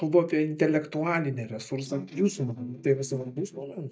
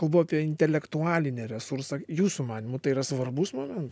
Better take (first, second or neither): second